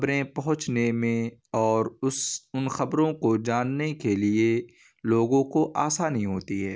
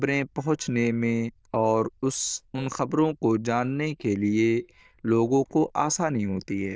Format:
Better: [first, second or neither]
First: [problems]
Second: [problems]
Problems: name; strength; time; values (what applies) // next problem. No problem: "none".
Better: first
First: none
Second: noise reduction (neural diffusion model UNIVERSE++)